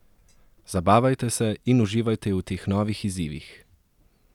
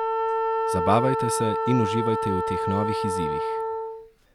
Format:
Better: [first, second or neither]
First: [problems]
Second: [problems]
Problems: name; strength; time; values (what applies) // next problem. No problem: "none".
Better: first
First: none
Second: background sound (Wind instrument, woodwind instrument); 2 dB above the speech